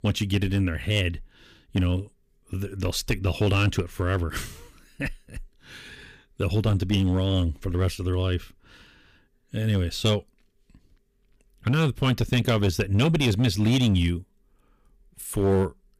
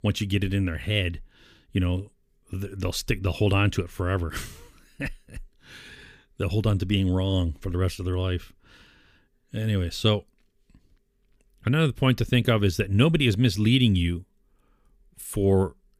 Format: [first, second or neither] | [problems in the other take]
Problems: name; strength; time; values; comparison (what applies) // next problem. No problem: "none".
second | distortion; slight; 4% of the sound clipped